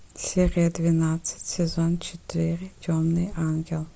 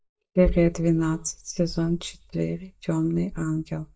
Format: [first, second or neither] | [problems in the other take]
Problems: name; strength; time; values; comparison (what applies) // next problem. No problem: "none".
first | noise reduction (neural mask model DeepFilterNet 3)